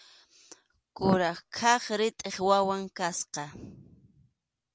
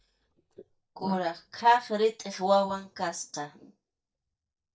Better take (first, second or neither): first